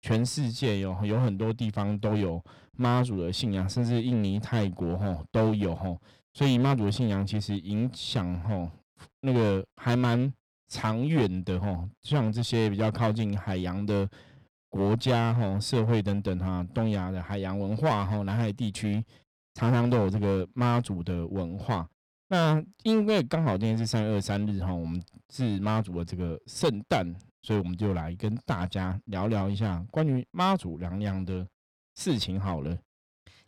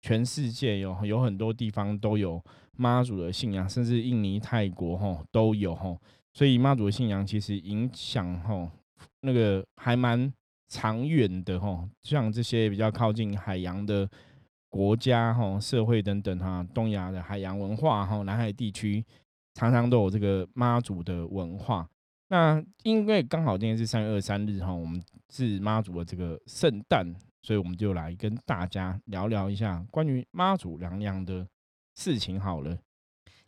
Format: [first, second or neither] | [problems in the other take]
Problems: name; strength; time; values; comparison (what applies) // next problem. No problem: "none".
second | distortion; slight; 7% of the sound clipped